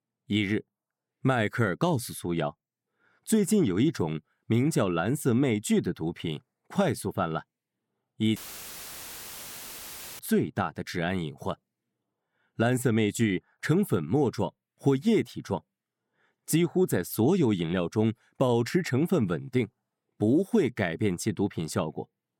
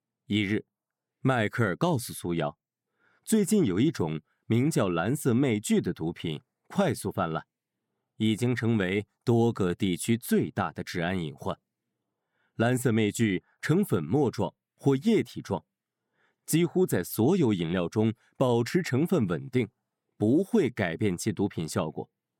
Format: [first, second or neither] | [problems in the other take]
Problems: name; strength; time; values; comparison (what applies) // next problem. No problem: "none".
second | audio cutting out; filled with static; at 8.5 s for 2 s